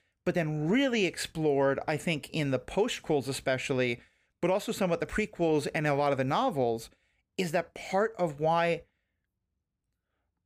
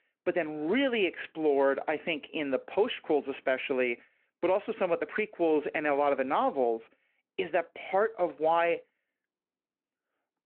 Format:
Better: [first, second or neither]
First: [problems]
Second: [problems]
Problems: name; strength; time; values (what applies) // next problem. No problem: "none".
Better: first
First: none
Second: phone-call audio